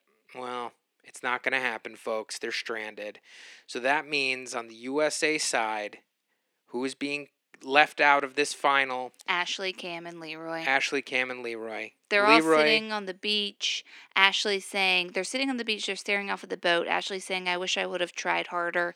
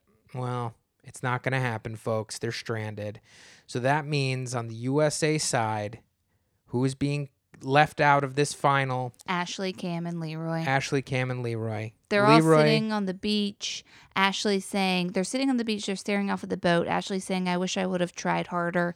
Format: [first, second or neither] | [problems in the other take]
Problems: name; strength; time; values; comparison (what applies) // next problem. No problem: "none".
second | thin; somewhat; fading below 250 Hz